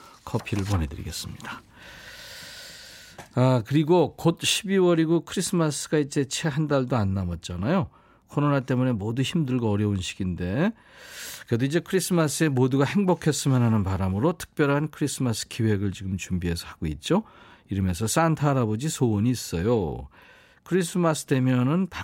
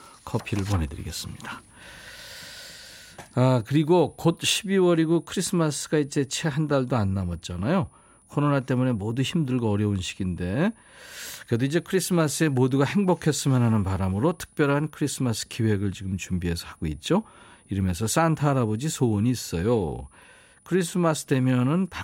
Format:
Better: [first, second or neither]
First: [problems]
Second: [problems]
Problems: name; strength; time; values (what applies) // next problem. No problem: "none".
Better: first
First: none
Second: high-pitched whine; faint; throughout; 9.5 kHz, 30 dB below the speech